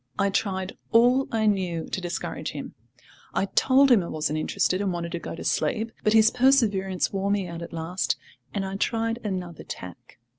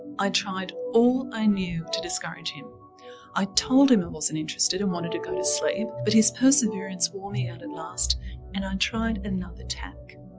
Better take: first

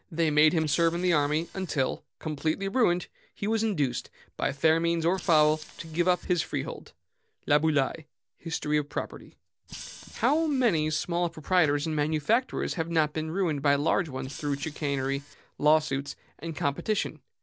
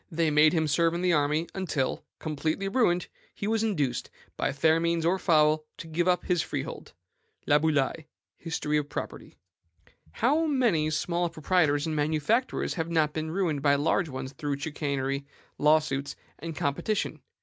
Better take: second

